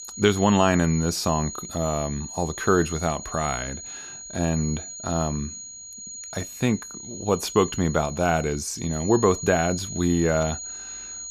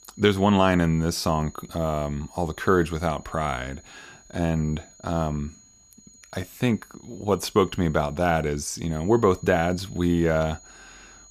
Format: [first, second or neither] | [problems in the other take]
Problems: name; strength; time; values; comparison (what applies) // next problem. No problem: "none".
second | high-pitched whine; loud; throughout; 6.5 kHz, 10 dB below the speech; faint in the second